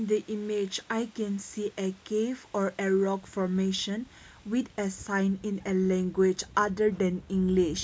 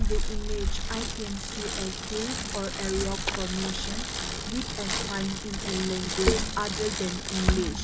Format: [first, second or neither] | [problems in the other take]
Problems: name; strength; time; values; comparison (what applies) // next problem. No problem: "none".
first | background sound (Bicycle); 4 dB above the speech